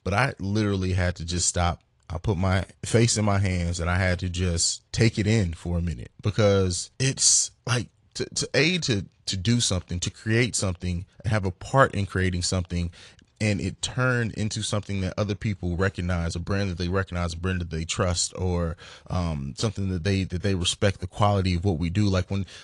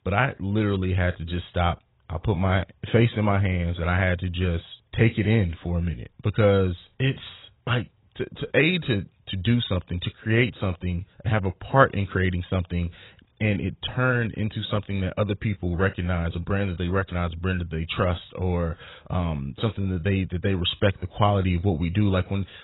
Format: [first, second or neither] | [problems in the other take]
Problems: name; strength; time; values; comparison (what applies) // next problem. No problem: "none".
first | garbled, watery; badly; nothing above 4 kHz; slightly in the first